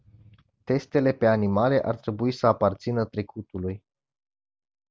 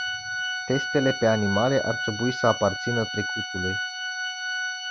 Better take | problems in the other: first | background sound (Organ); 4 dB below the speech

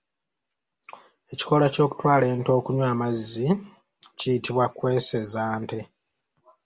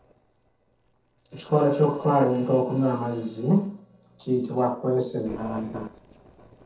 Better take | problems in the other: first | noise reduction (neural separator model SepFormer DNS4)

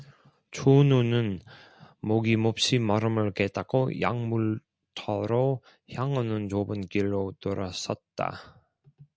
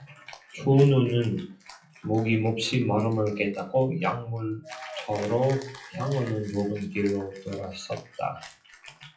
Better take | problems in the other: first | noise reduction (classical method WPE with log-MMSE)

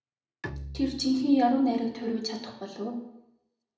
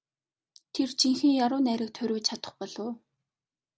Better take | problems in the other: second | background sound (Bowed string instrument); 16 dB below the speech // room echo; dies away in 0.7 s

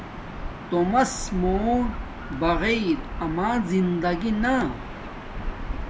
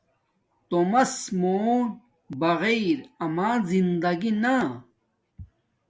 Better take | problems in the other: second | background sound (Gull, seagull / Ocean); 7 dB below the speech

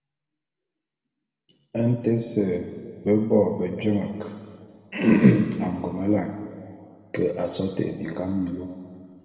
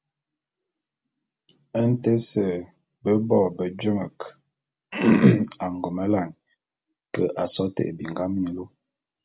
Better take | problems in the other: second | room echo; dies away in 2.1 s

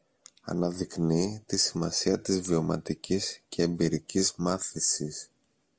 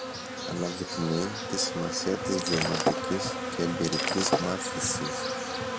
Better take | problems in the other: first | background sound (Shatter + Insect); 1 dB above the speech

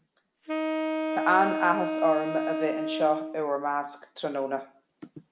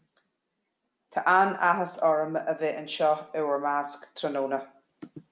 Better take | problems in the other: second | background sound (Wind instrument, woodwind instrument); 1 dB below the speech

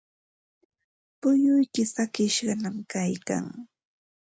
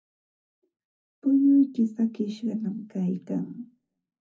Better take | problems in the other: first | room echo; dies away in 0.4 s

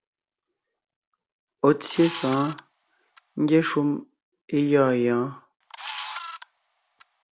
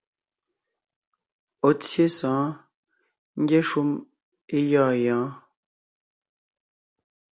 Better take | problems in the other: second | background sound (Camera); 13 dB below the speech

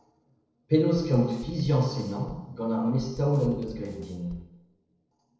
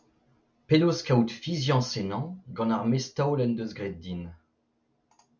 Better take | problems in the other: second | noise reduction (neural separator model SepFormer DNS4)

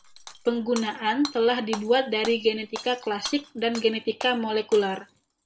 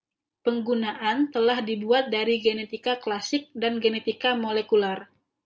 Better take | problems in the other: second | background sound (Shatter / Hammer); 16 dB below the speech

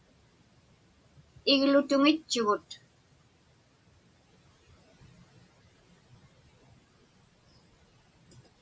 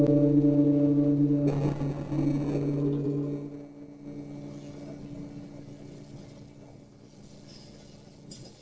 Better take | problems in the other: first | noise reduction (neural separator model SepFormer DNS4)

